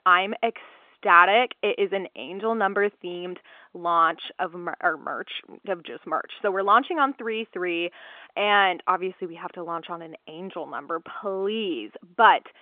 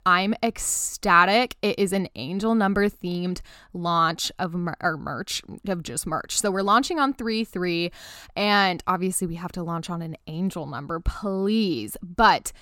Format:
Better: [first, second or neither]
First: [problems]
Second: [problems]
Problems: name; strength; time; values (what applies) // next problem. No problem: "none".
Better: second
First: phone-call audio; nothing above 3.5 kHz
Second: none